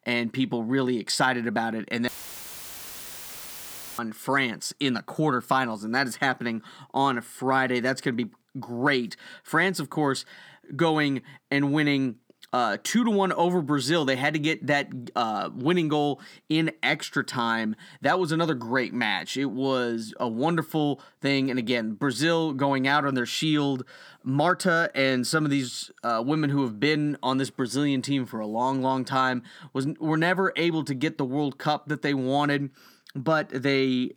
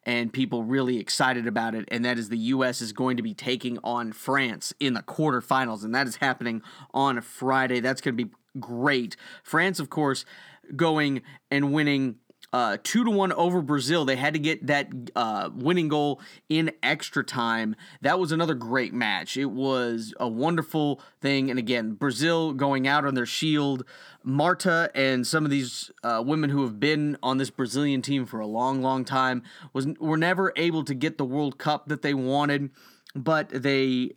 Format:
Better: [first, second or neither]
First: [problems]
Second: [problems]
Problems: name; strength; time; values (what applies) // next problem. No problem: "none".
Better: second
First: audio cutting out; filled with static; at 2 s for 2 s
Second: none